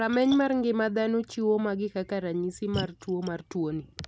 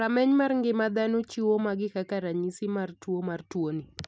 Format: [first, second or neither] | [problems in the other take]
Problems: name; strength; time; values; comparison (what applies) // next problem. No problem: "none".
second | background sound (Splash, splatter); 16 dB below the speech